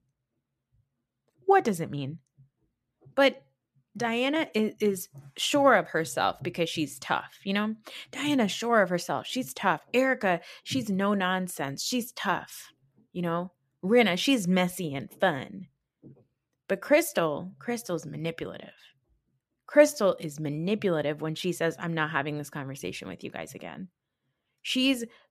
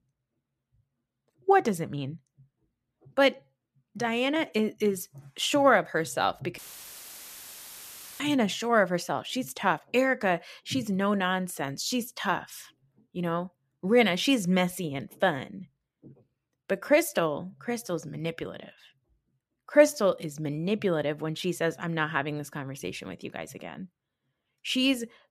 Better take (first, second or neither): first